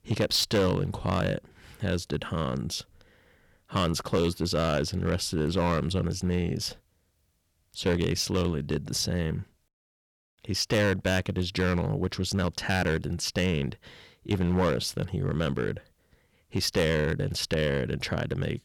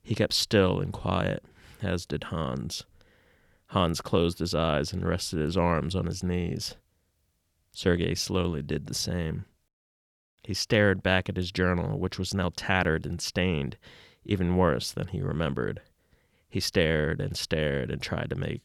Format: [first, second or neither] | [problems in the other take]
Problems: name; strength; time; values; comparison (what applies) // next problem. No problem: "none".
second | distortion; slight; 4% of the sound clipped